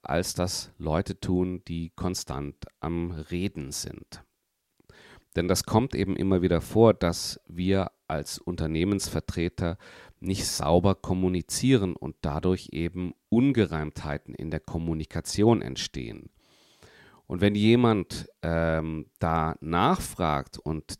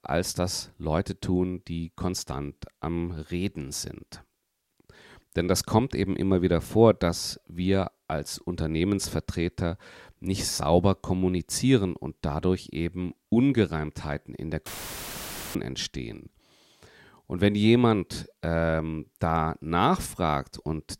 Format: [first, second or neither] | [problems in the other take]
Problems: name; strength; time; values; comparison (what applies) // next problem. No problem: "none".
first | audio cutting out; filled with static; at 15 s for 1 s